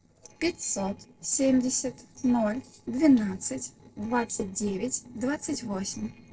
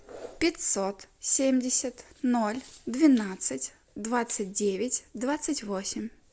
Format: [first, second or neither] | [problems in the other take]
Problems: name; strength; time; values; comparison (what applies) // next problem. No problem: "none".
second | noise reduction (neural separator model SepFormer DNS4)